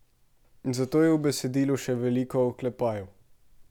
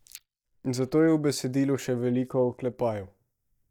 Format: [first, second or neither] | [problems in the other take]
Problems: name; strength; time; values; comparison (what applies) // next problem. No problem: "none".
first | noise reduction (neural mask model DeepFilterNet 3)